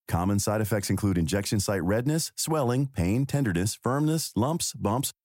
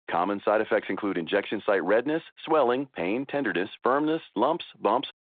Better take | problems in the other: first | phone-call audio; nothing above 3.5 kHz

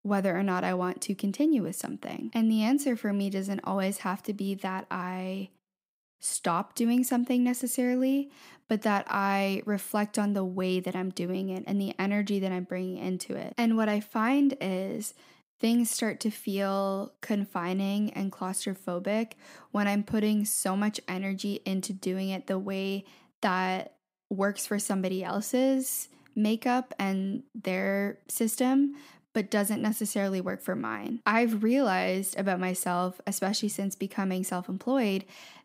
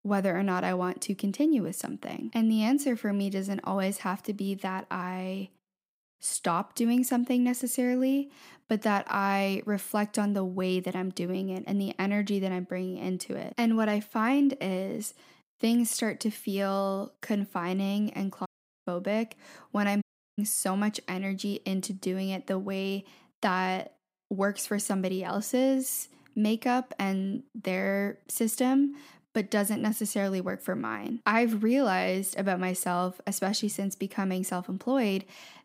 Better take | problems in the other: first | audio cutting out; at 18 s and at 20 s

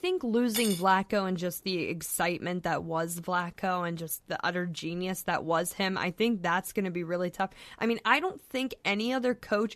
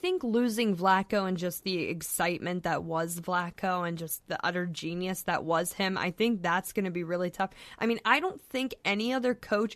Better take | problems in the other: second | clattering dishes; noticeable; at 0.5 s; peak 3 dB below the speech

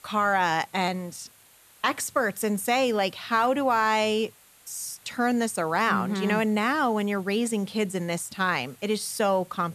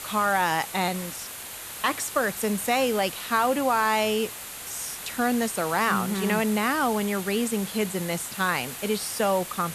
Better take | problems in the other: first | hiss; loud; throughout; 9 dB below the speech; faint in the first

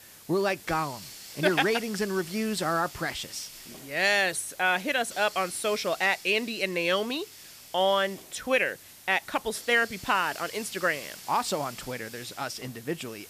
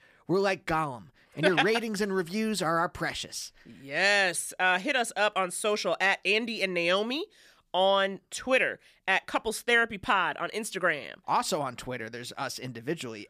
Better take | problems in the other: second | hiss; noticeable; throughout; 15 dB below the speech

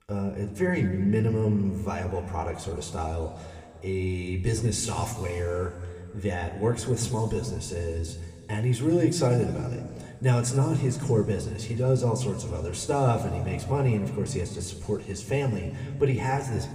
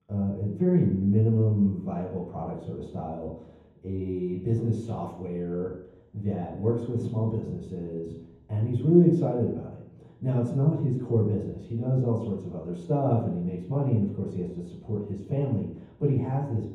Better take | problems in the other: first | room echo; strong; dies away in 0.9 s; slight in the first // off-mic speech; far

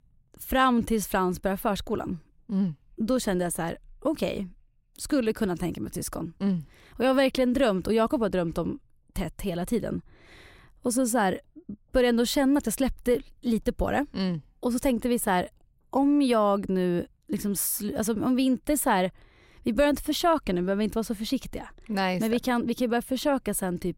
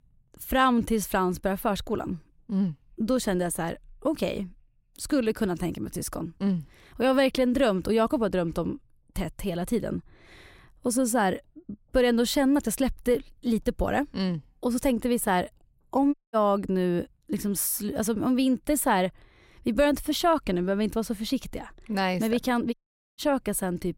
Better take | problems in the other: first | audio cutting out; at 16 s and at 23 s

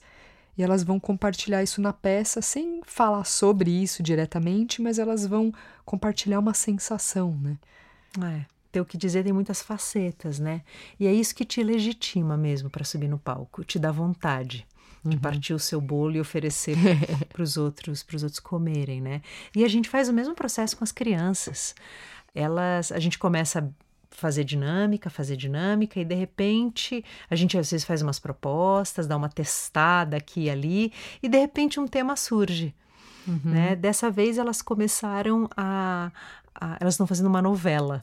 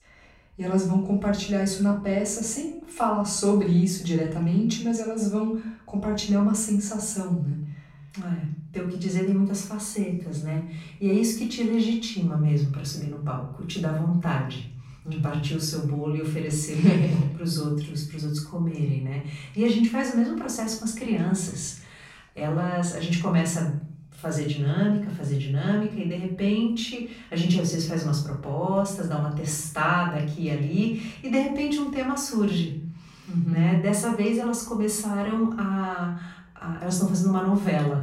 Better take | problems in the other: first | room echo; noticeable; dies away in 0.6 s // off-mic speech; far

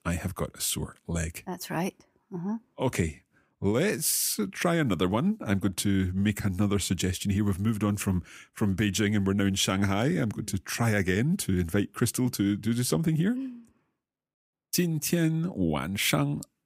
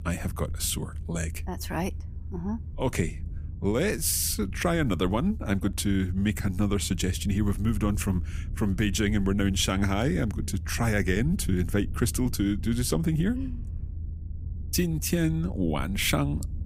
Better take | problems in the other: first | low rumble; faint; throughout; 20 dB below the speech

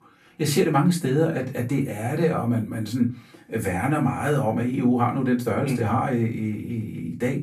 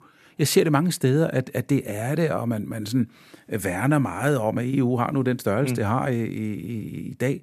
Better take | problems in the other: second | off-mic speech; far // room echo; very slight; dies away in 0.2 s

